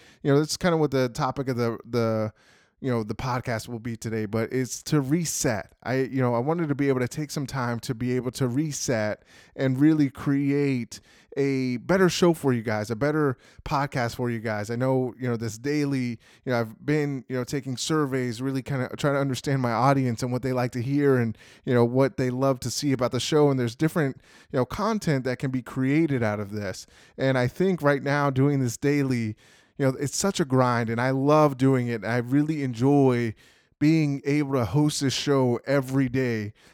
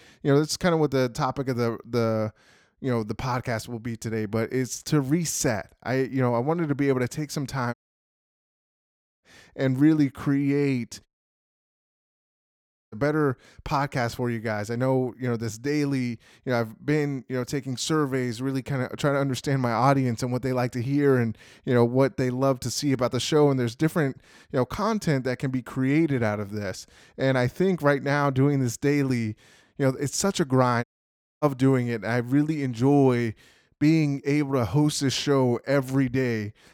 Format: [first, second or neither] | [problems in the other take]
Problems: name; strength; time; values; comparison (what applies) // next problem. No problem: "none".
first | audio cutting out; at 7.5 s for 1.5 s, at 11 s for 2 s and at 31 s for 0.5 s